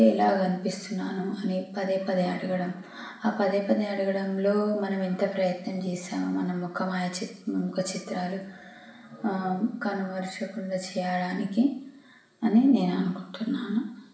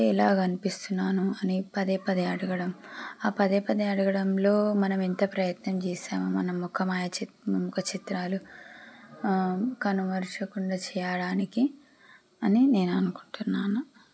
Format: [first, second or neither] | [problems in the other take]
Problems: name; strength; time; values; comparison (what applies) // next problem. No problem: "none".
second | room echo; dies away in 0.7 s